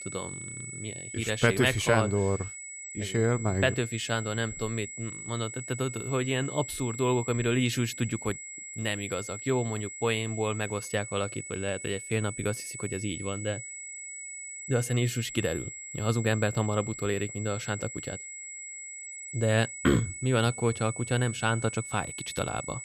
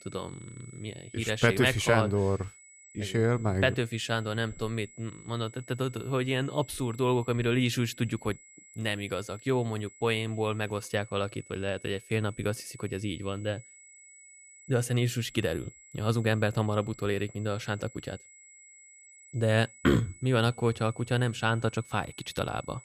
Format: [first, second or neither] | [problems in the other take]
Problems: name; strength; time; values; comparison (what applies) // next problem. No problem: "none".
second | high-pitched whine; loud; throughout; 7.5 kHz, 9 dB below the speech; faint in the second